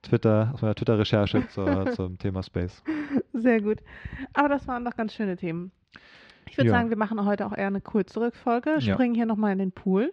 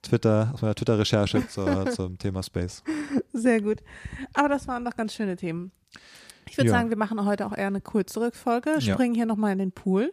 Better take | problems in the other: second | muffled; slightly; fading above 3.5 kHz

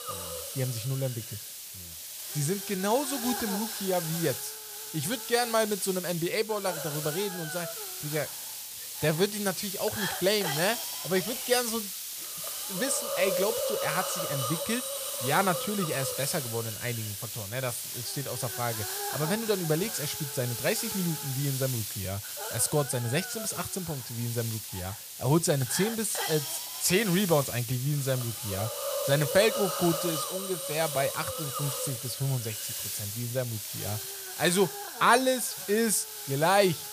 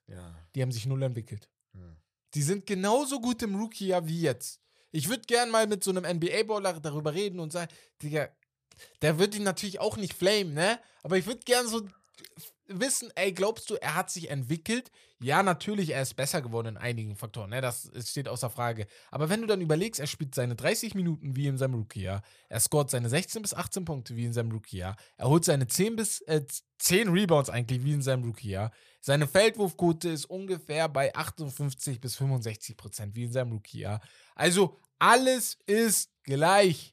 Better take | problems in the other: second | hiss; loud; throughout; 4 dB below the speech

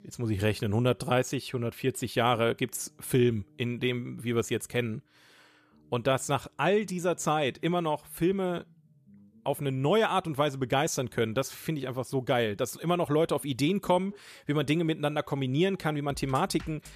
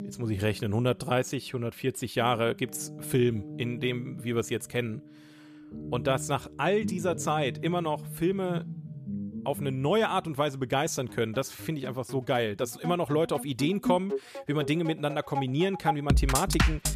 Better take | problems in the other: first | background music; loud; throughout; 6 dB below the speech; faint in the first

